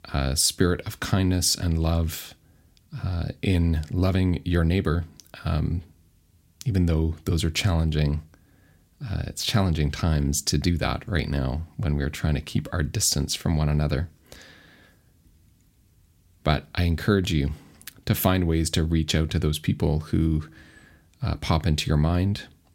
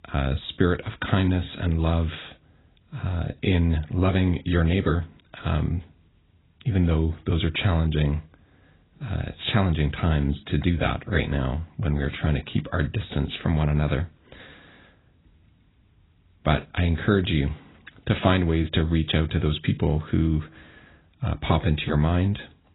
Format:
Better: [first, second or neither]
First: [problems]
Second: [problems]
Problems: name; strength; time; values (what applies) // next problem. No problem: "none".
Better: first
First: none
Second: garbled, watery; badly; nothing above 4 kHz